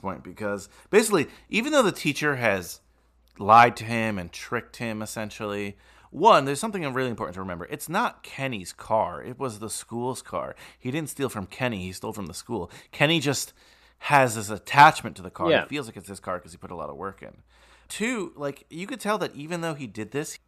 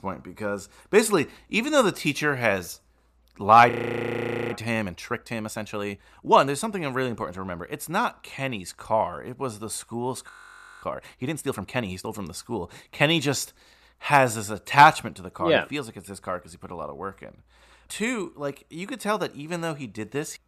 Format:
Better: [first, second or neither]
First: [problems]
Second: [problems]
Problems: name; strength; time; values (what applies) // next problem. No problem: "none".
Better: first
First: none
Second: audio freezing; at 3.5 s for 1 s and at 10 s for 0.5 s